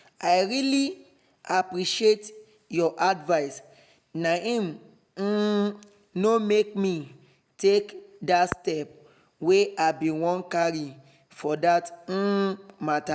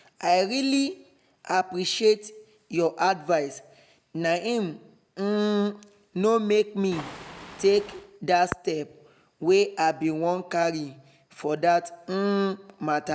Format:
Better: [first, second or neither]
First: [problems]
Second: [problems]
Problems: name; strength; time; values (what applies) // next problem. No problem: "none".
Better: first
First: none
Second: background sound (Waves, surf); 16 dB below the speech